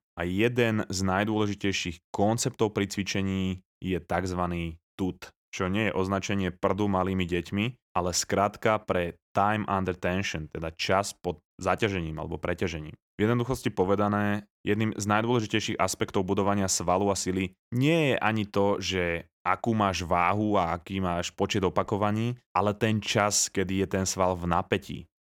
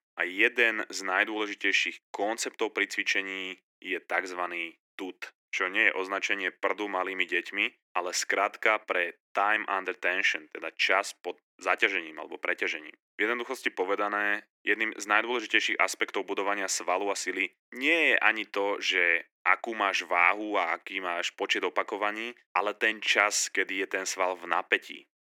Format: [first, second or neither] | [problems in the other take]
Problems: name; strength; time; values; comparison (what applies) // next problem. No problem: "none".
first | thin; very; fading below 300 Hz